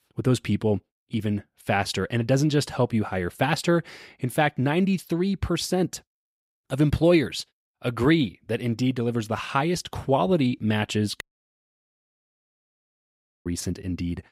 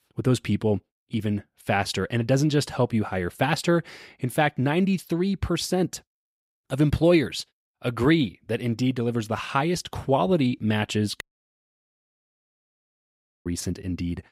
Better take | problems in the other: neither | audio cutting out; at 11 s for 2.5 s; the same in both

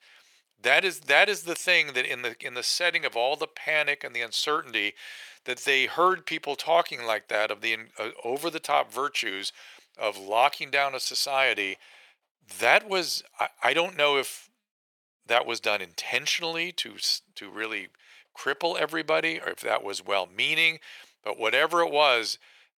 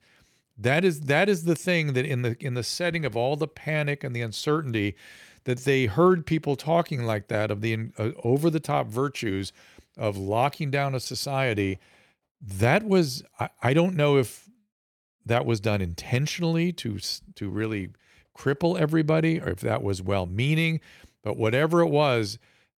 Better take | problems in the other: second | thin; very; fading below 750 Hz

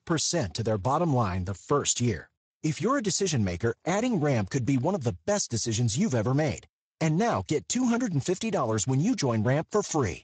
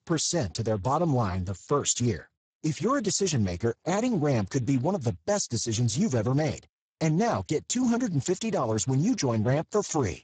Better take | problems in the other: first | garbled, watery; badly; nothing above 7.5 kHz; slightly in the first

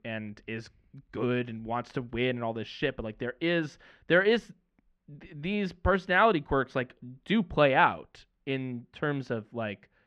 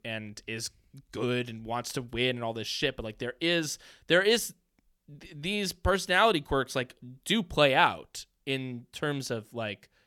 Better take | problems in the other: second | muffled; very; fading above 2 kHz

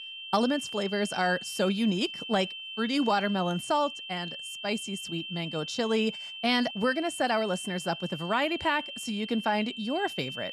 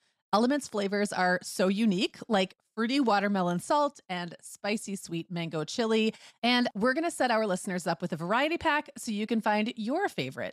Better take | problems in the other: second | high-pitched whine; loud; throughout; 3 kHz, 8 dB below the speech

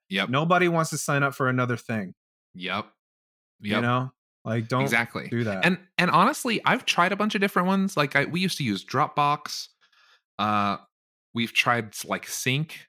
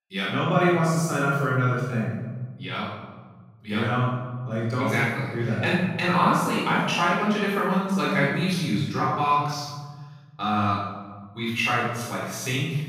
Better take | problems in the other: first | off-mic speech; far // room echo; strong; dies away in 1.7 s

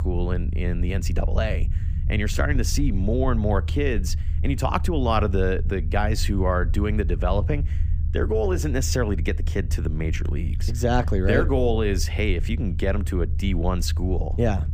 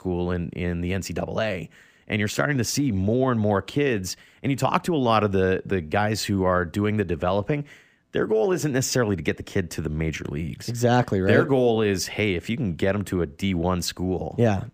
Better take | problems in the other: second | low rumble; noticeable; throughout; 15 dB below the speech

